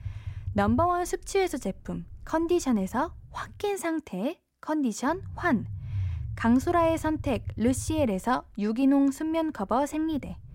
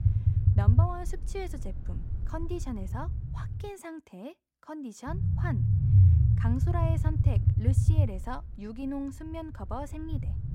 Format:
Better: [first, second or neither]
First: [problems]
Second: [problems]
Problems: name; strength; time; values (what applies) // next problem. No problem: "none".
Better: first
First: low rumble; faint; until 3.5 s and from 5 s on; 25 dB below the speech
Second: low rumble; loud; until 3.5 s and from 5 s on; as loud as the speech